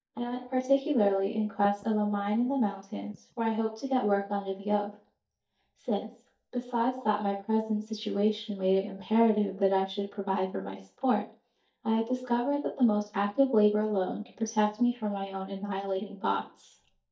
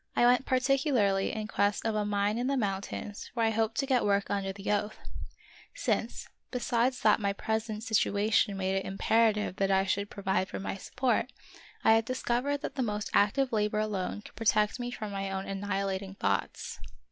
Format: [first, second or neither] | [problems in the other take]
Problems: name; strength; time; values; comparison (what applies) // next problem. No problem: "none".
second | noise reduction (neural mask model DeepFilterNet 3)